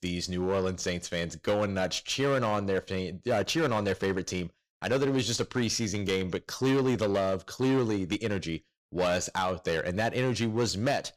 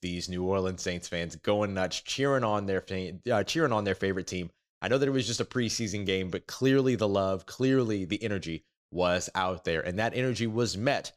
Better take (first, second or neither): second